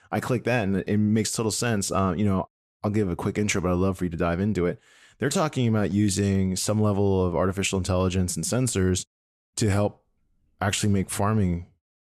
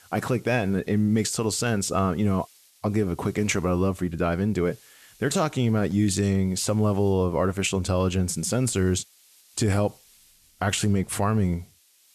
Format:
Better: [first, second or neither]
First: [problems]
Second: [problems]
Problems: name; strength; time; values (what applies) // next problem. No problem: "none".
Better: first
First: none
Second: hiss; faint; throughout; 30 dB below the speech